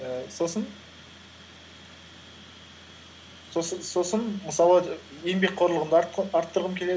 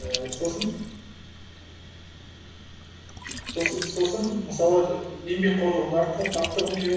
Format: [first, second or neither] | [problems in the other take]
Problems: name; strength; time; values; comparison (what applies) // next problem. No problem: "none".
first | background sound (Liquid); 10 dB below the speech // room echo; dies away in 1.1 s